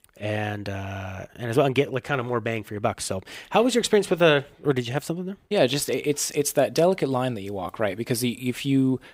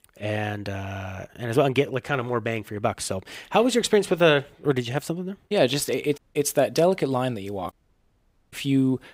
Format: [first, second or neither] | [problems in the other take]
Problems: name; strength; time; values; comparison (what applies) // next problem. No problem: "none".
first | audio cutting out; at 6 s and at 7.5 s for 1 s